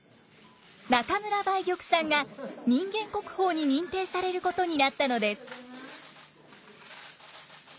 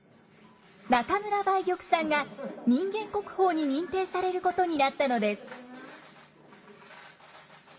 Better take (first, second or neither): first